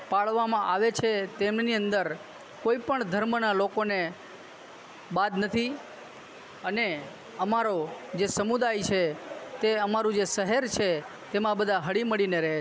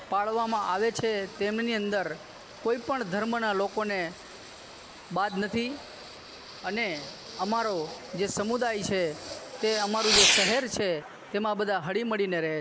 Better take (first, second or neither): first